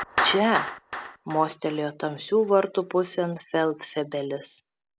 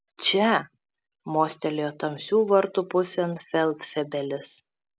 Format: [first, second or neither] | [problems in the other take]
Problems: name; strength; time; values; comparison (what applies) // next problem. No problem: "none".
second | background sound (Clapping); 9 dB below the speech